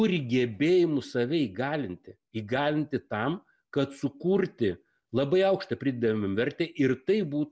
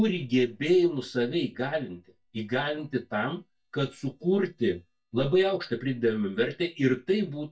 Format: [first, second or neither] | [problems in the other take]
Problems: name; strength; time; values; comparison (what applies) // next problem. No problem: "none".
first | noise reduction (neural mask model DeepFilterNet 3)